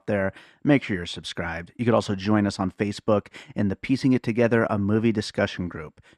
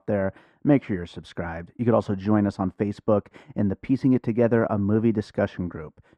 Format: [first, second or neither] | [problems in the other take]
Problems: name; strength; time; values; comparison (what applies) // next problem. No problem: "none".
first | muffled; slightly; fading above 1.5 kHz